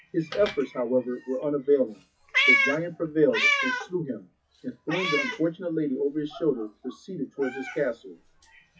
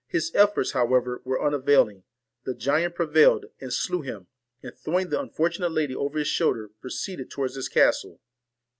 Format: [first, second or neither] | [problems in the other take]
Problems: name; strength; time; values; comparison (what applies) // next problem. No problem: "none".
second | noise reduction (classical method WPE with log-MMSE)